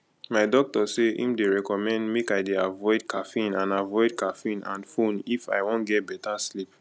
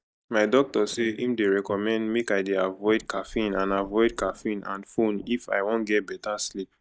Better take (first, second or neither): first